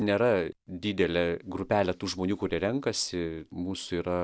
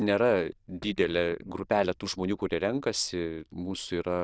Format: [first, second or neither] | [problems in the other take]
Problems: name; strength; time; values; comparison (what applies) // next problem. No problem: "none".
first | noise reduction (neural diffusion model UNIVERSE++)